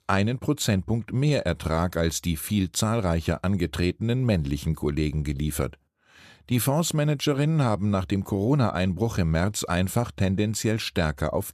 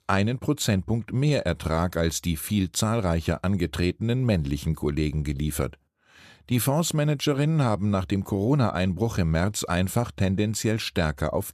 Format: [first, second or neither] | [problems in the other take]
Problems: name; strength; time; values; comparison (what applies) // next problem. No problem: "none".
neither | none